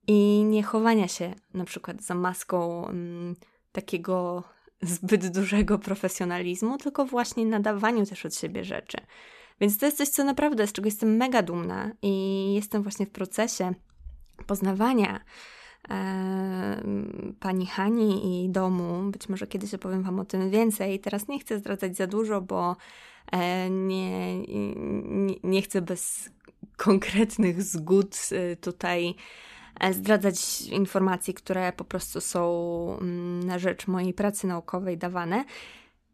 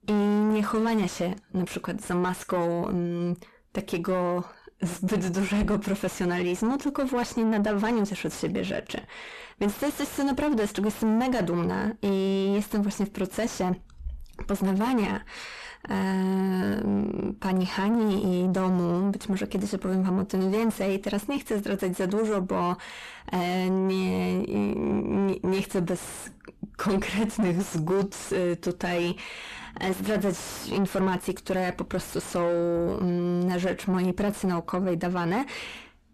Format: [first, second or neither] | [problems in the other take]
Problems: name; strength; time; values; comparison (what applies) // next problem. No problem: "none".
first | distortion; heavy; 5 dB below the speech